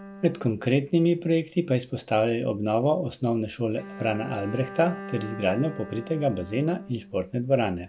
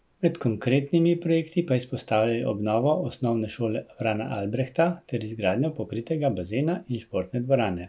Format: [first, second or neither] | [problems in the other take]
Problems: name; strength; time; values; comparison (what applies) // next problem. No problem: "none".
second | background sound (Bowed string instrument); 16 dB below the speech